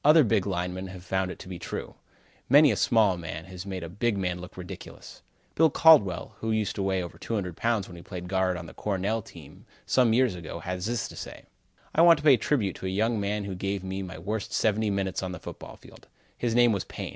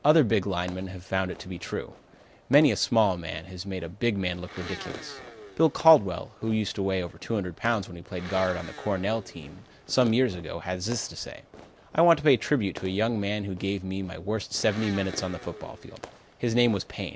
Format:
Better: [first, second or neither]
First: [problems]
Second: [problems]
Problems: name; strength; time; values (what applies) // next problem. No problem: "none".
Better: first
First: none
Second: background sound (Fireworks + Domestic sounds, home sounds); 18 dB below the speech